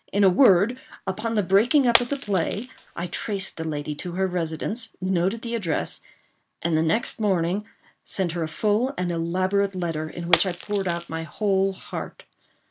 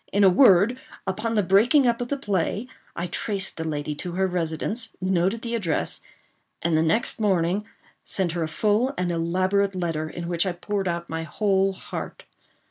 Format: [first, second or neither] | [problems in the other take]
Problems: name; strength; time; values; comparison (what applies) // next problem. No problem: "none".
second | background sound (Shatter); 10 dB below the speech